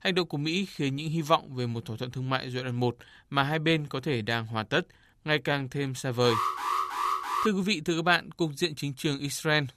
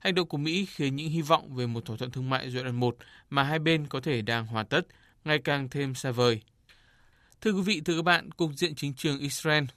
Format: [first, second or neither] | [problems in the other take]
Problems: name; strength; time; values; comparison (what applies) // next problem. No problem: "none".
second | alarm; loud; from 6 to 7.5 s; peak level with the speech